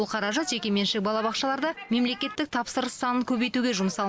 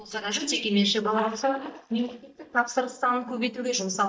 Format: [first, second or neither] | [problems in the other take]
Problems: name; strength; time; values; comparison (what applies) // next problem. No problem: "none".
first | noise reduction (neural mask model DeepFilterNet 3)